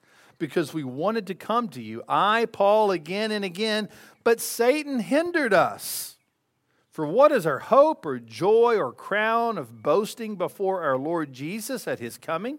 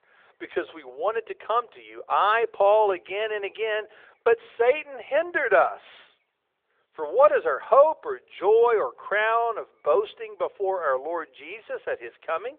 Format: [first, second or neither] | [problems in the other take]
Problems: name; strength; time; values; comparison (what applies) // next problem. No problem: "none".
first | phone-call audio